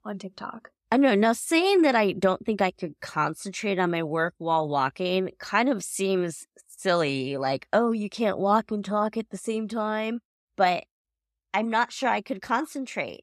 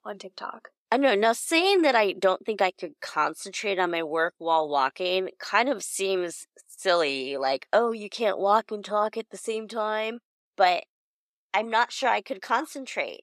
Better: first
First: none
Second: thin; somewhat; fading below 450 Hz

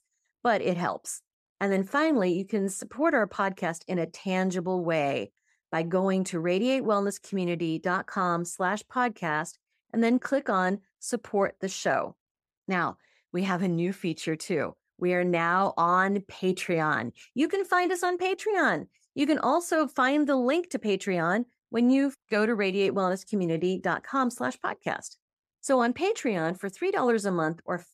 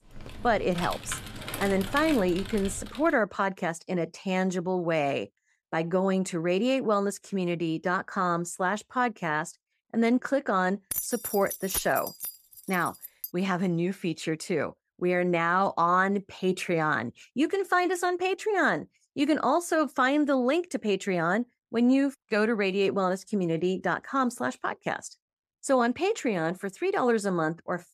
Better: first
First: none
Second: keyboard typing; noticeable; until 3 s; peak 8 dB below the speech // jangling keys; noticeable; from 11 to 13 s; peak 4 dB below the speech

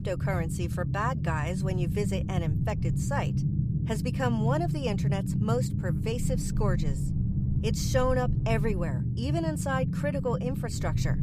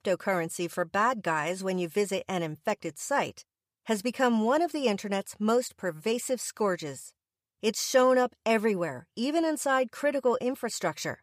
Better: second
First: low rumble; loud; throughout; 7 dB below the speech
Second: none

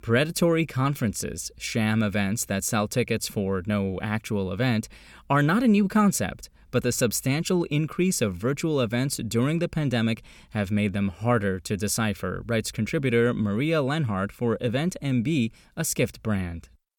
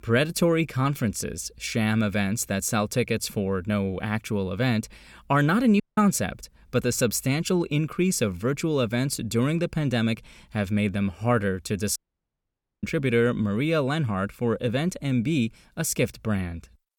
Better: first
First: none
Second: audio cutting out; at 6 s and at 12 s for 1 s

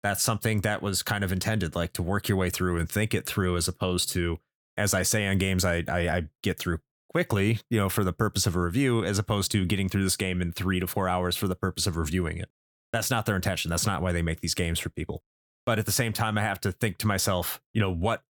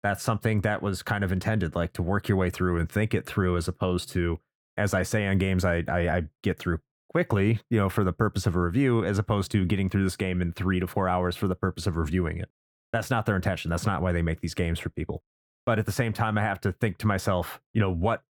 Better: first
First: none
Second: muffled; slightly; fading above 3 kHz

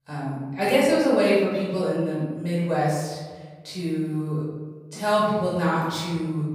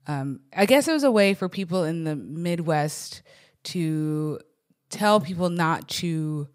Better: second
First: room echo; noticeable; dies away in 1.2 s // off-mic speech; far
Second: none

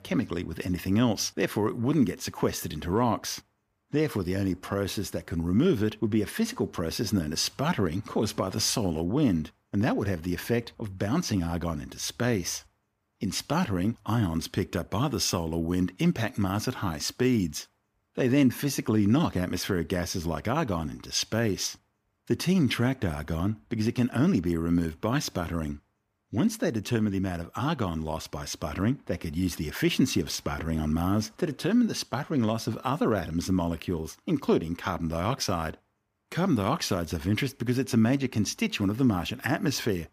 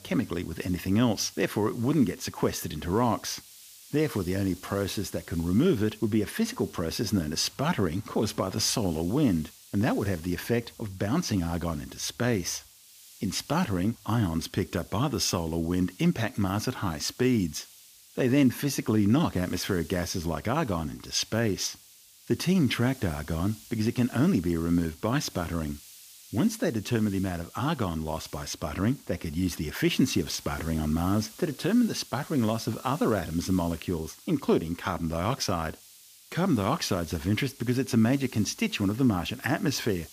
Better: first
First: none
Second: hiss; faint; throughout; 20 dB below the speech

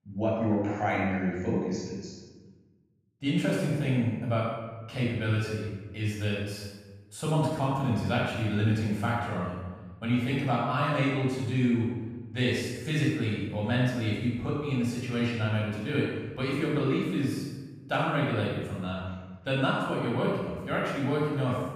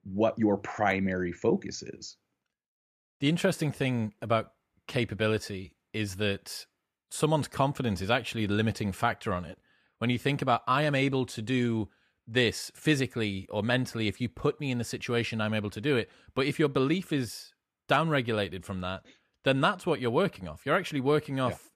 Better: second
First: room echo; strong; dies away in 1.2 s // off-mic speech; far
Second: none

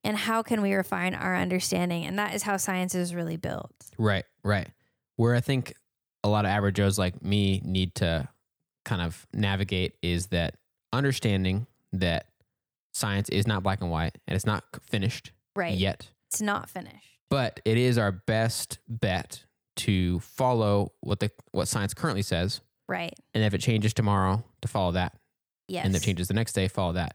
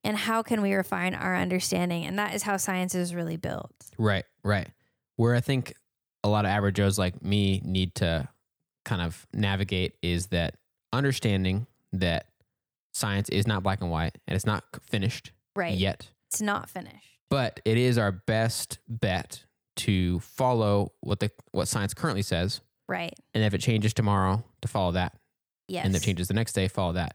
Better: neither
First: none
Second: none

